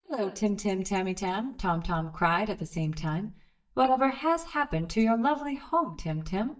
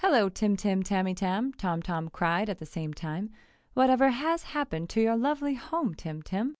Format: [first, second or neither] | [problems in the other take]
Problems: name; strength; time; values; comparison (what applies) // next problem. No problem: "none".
second | noise reduction (neural mask model DeepFilterNet 3)